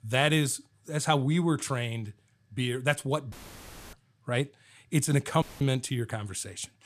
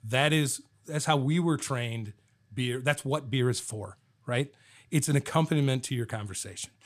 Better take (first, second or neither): second